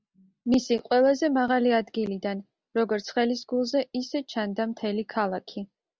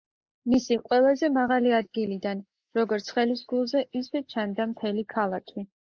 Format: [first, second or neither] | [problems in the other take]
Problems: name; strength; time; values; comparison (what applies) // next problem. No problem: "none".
first | noise reduction (neural mask model Resemble Enhance denoiser)